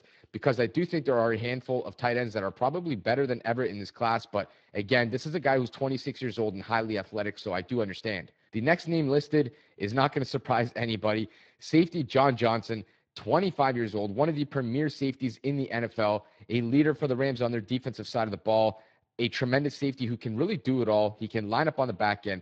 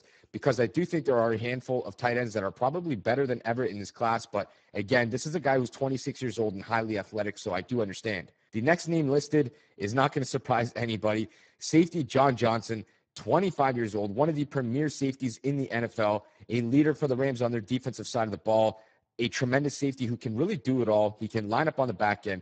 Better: first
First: garbled, watery; slightly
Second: garbled, watery; badly; nothing above 8 kHz

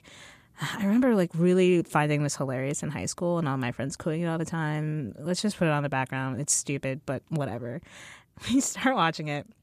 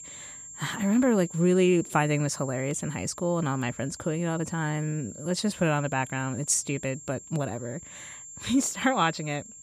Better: first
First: none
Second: high-pitched whine; noticeable; throughout; 7.5 kHz, 15 dB below the speech

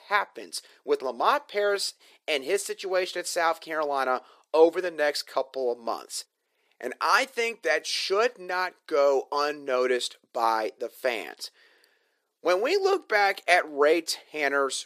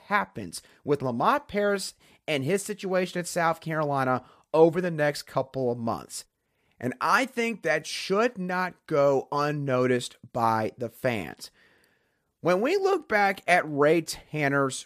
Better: second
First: thin; somewhat; fading below 400 Hz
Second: none

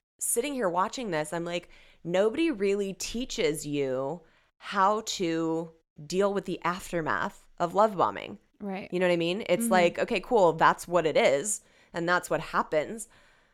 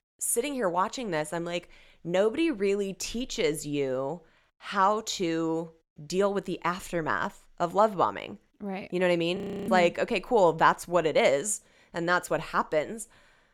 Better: first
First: none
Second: audio freezing; at 9.5 s

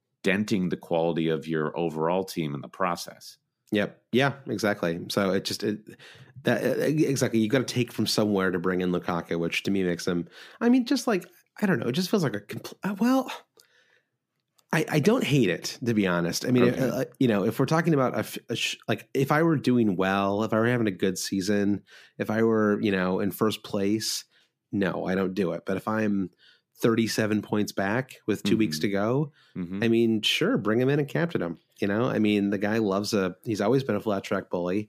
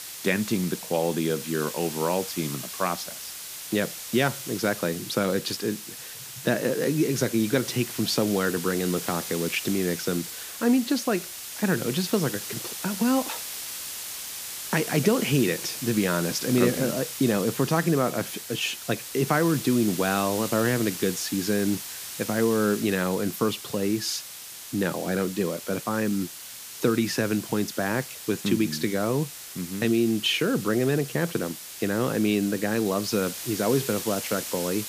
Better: first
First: none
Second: hiss; loud; throughout; 8 dB below the speech

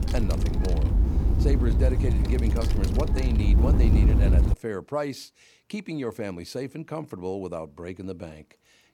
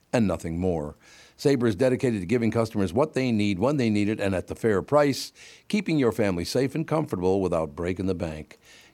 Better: second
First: wind noise on the microphone; heavy; until 4.5 s; 2 dB below the speech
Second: none

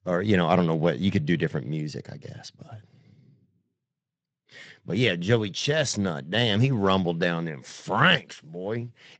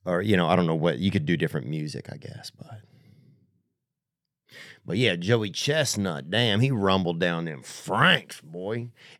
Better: second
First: garbled, watery; slightly; nothing above 7.5 kHz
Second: none

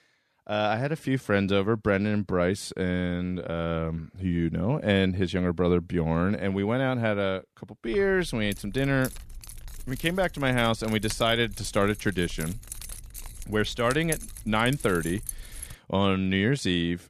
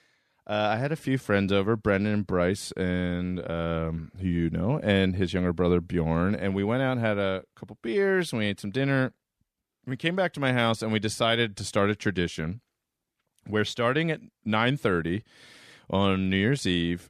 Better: second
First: jangling keys; noticeable; from 8 to 16 s; peak 7 dB below the speech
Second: none

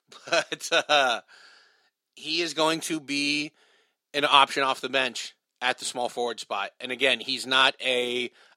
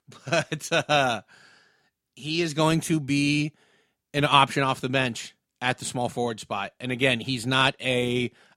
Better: second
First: thin; somewhat; fading below 450 Hz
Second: none

